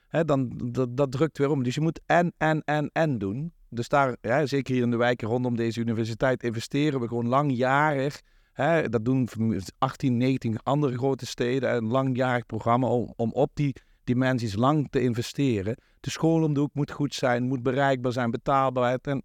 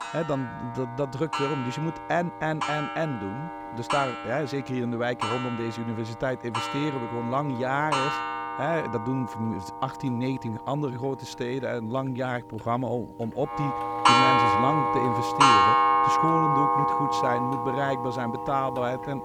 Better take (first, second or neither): first